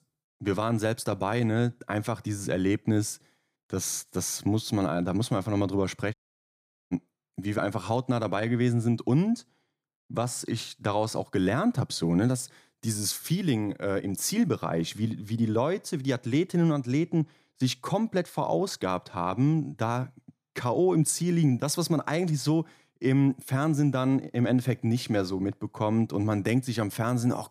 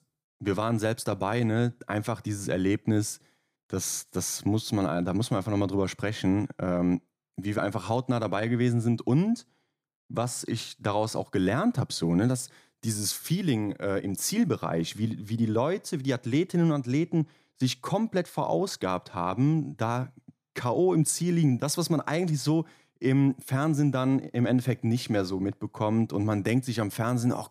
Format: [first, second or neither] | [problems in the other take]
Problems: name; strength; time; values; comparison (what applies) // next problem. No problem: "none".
second | audio cutting out; at 6 s for 1 s